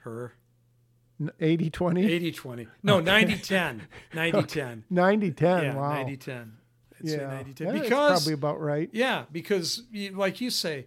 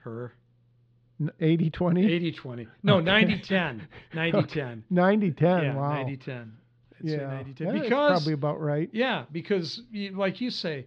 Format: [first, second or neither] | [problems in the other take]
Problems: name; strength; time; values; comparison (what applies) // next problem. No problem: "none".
first | muffled; very slightly; fading above 4 kHz